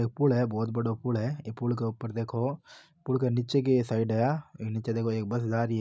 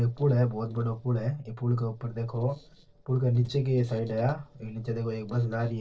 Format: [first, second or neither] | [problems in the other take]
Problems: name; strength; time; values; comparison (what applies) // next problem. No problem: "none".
first | noise reduction (neural separator model SepFormer DNS4)